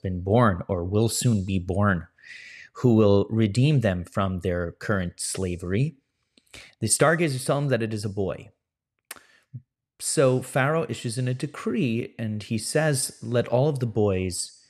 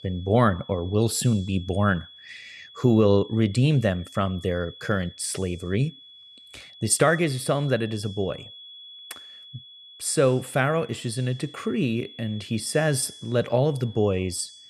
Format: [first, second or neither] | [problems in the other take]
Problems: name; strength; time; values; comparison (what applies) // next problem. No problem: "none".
first | high-pitched whine; noticeable; throughout; 3.5 kHz, 20 dB below the speech